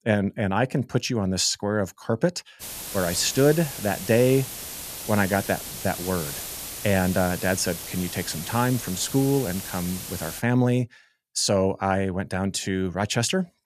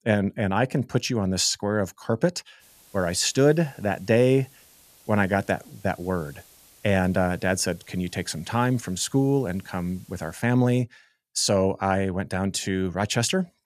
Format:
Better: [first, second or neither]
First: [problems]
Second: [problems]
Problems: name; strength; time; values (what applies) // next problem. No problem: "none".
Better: second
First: hiss; loud; from 2.5 to 10 s; 8 dB below the speech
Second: hiss; faint; from 2.5 to 10 s; 25 dB below the speech